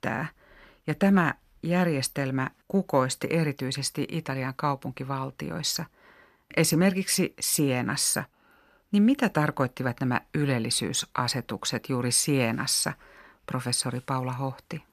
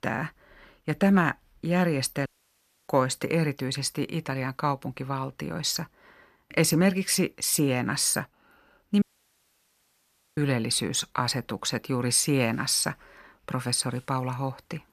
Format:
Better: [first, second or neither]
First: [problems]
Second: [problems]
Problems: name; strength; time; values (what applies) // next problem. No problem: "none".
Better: first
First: none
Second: audio cutting out; at 2.5 s for 0.5 s and at 9 s for 1.5 s